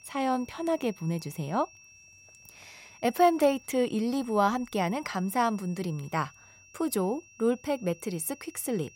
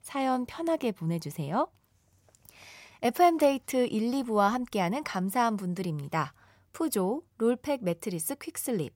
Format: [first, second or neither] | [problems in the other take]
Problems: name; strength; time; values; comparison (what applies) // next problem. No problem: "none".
second | high-pitched whine; faint; throughout; 2.5 kHz, 25 dB below the speech